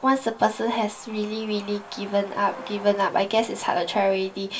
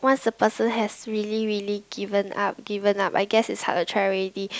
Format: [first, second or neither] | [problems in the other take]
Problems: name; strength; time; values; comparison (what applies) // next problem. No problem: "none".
second | background sound (Truck); 18 dB below the speech // room echo; dies away in 0.2 s